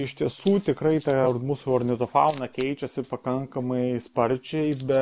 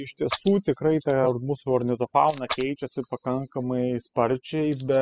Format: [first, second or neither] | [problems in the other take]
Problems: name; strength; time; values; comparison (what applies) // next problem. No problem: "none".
first | noise reduction (classical method spectral subtraction)